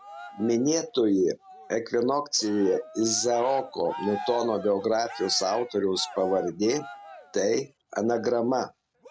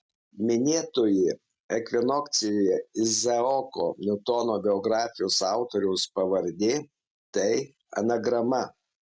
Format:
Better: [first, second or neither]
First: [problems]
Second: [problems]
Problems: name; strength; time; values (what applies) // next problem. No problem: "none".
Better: second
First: background sound (Cheering); 16 dB below the speech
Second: none